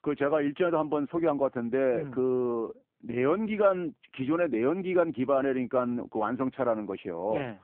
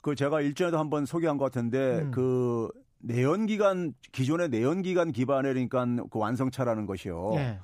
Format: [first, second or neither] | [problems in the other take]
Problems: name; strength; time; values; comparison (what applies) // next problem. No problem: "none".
second | phone-call audio; poor line